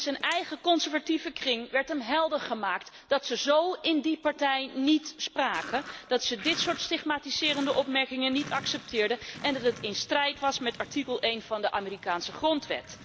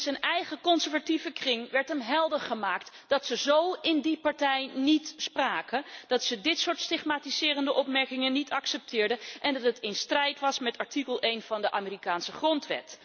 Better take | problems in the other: second | background sound (Sink (filling or washing)); 19 dB below the speech

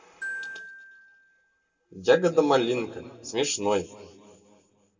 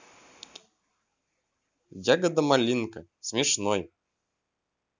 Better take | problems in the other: second | background sound (Glockenspiel); 15 dB below the speech // room echo; dies away in 2.3 s

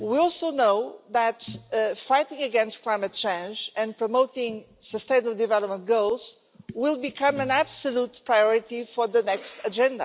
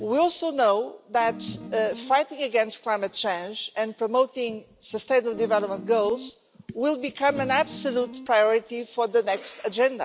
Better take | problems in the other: first | background sound (Guitar); 14 dB below the speech

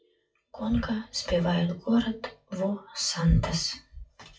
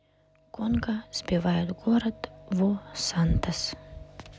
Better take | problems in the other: second | noise reduction (classical method WPE with log-MMSE)

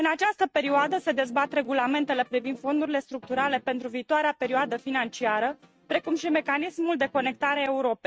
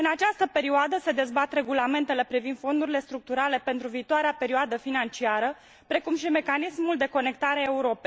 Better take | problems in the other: second | noise reduction (neural mask model RNNoise)

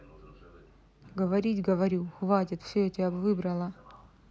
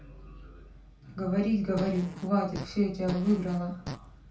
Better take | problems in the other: first | background sound (Fart); 11 dB below the speech // room echo; dies away in 0.3 s

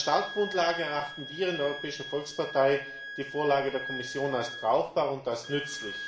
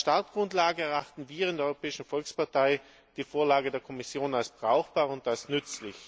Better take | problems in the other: second | background sound (Wind instrument, woodwind instrument); 10 dB below the speech // room echo; dies away in 0.9 s

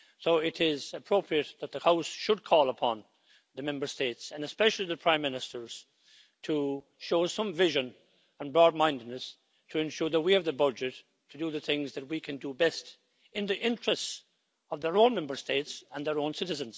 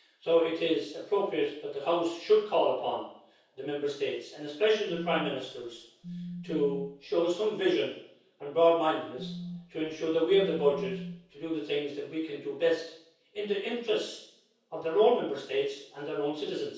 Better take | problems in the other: first | background sound (Telephone); 12 dB below the speech // room echo; dies away in 0.6 s

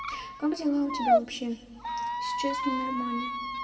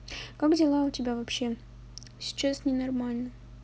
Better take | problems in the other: second | background sound (Squeak); 2 dB above the speech // room echo; dies away in 1.8 s

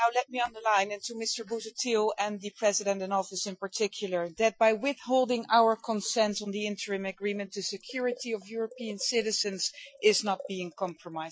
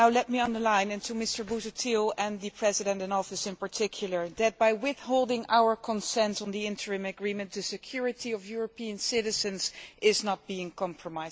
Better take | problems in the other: second | noise reduction (classical method Wiener filter)

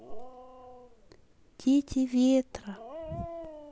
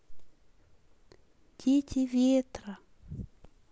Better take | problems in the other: second | background sound (Dog); 16 dB below the speech

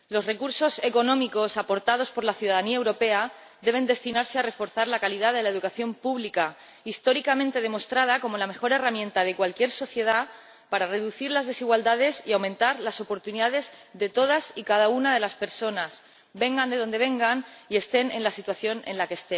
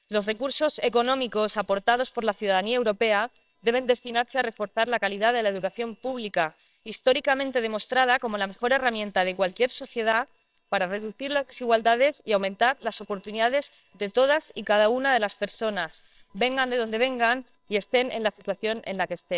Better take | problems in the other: first | noise reduction (neural separator model SepFormer WHAMR!)

